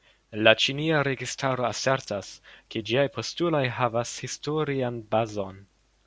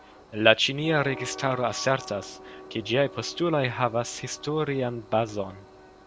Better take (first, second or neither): first